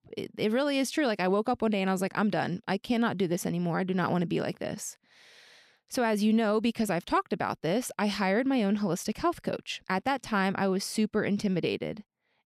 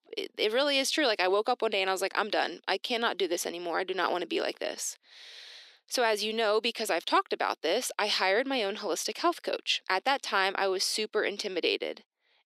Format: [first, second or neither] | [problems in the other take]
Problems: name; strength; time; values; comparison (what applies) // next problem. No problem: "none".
first | thin; very; fading below 350 Hz